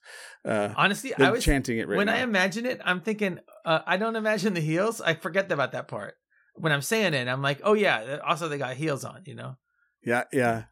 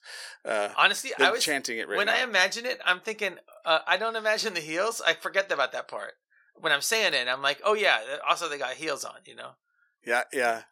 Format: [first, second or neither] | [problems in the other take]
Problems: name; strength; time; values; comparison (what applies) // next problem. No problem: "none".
first | thin; very; fading below 550 Hz